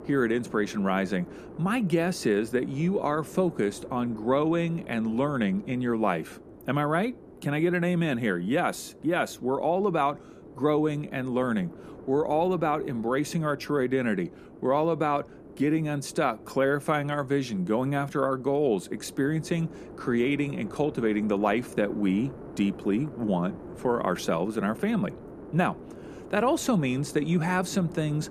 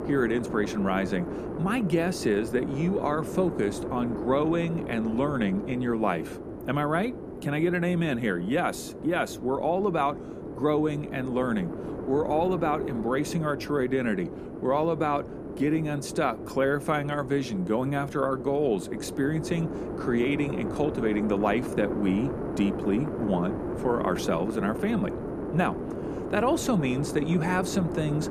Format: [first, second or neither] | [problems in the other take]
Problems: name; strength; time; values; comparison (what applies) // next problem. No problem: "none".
first | wind noise on the microphone; heavy; 8 dB below the speech; occasional gusts in the first